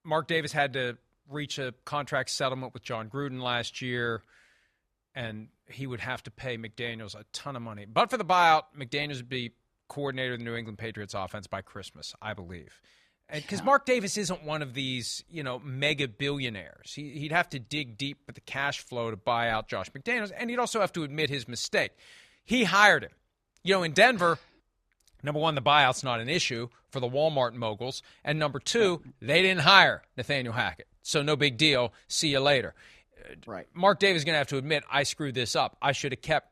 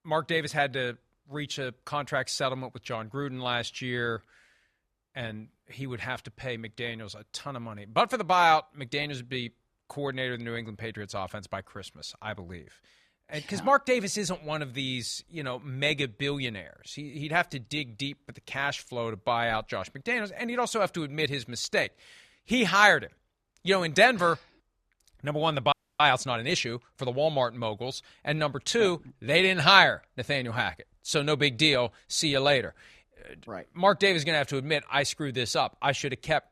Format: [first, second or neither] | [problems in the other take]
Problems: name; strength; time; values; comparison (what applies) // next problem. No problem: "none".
first | audio freezing; at 26 s